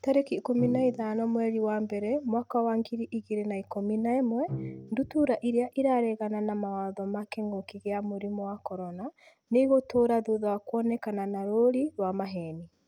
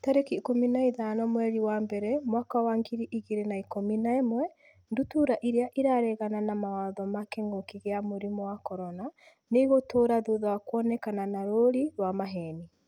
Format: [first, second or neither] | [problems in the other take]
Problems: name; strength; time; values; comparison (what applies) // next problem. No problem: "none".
second | background sound (Bowed string instrument); 16 dB below the speech